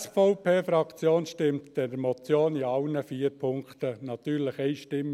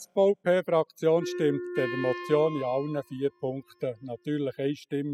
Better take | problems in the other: first | noise reduction (classical method spectral subtraction)

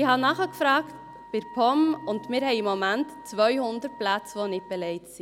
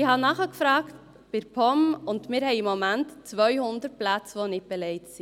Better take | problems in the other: second | background sound (Wind instrument, woodwind instrument); 19 dB below the speech

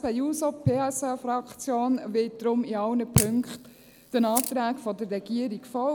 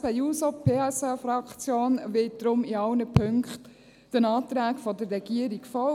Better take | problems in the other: second | background sound (Camera); 9 dB below the speech

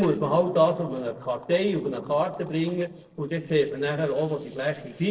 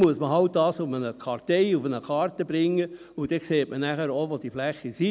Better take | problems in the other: second | noise reduction (neural separator model SepFormer DNS4)

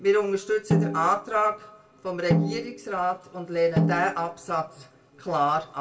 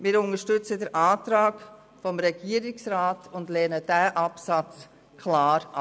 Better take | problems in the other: second | background sound (Snare drum); 2 dB below the speech // room echo; dies away in 0.2 s

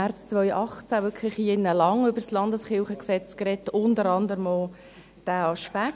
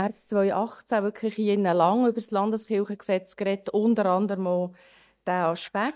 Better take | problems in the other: first | noise reduction (neural mask model DeepFilterNet 3)

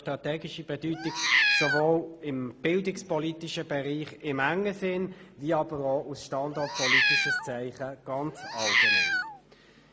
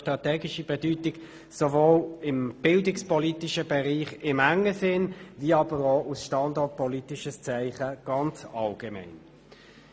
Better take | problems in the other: second | background sound (Meow); 4 dB above the speech

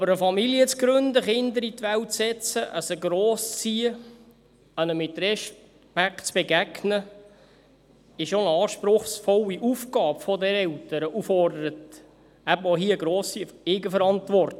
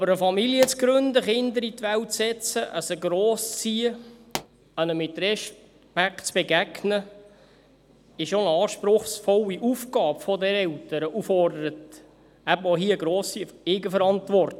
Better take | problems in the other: first | background sound (Explosion); 15 dB below the speech

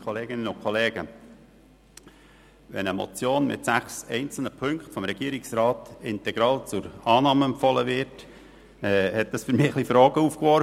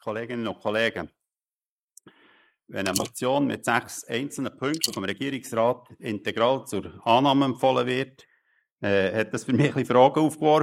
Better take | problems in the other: first | noise reduction (neural mask model Resemble Enhance denoiser)

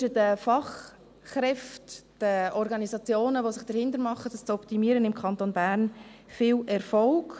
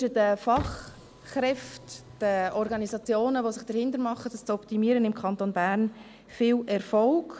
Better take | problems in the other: first | background sound (Car); 16 dB below the speech

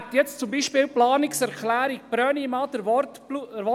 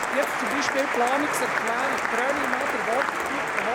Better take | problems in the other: first | background sound (Applause); 3 dB above the speech

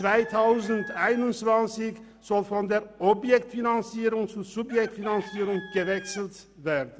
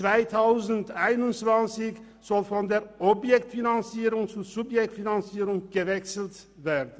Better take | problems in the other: second | background sound (Chicken, rooster); 19 dB below the speech

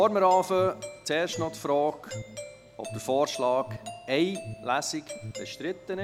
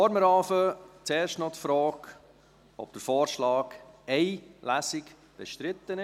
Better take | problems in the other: second | background sound (Alarm + Doorbell); 13 dB below the speech

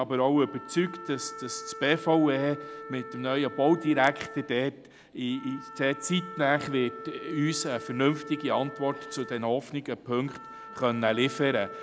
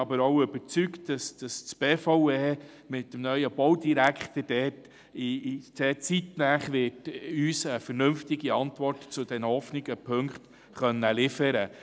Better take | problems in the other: second | background sound (Wind instrument, woodwind instrument); 14 dB below the speech

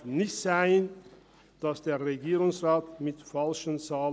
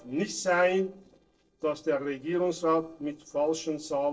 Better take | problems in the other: first | noise reduction (neural separator model SepFormer DNS4)

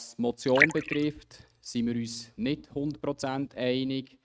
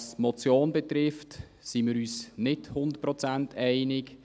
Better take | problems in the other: second | noise reduction (neural mask model RNNoise)

